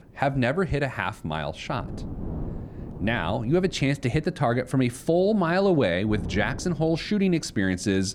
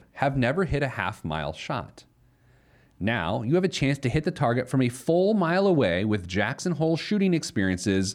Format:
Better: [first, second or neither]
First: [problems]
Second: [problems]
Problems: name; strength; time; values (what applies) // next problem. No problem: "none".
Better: second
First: wind noise on the microphone; occasional gusts; 20 dB below the speech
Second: none